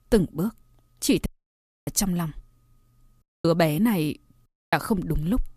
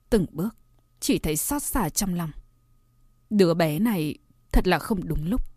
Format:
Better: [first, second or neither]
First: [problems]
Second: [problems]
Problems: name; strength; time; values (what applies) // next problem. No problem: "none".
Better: second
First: audio cutting out; at 1.5 s for 0.5 s, at 3 s and at 4.5 s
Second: none